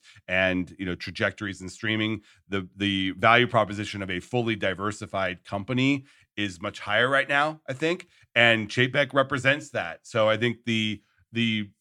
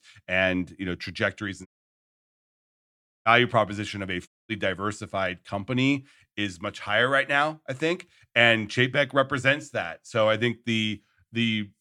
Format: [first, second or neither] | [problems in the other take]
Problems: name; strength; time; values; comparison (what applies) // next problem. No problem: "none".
first | audio cutting out; at 1.5 s for 1.5 s and at 4.5 s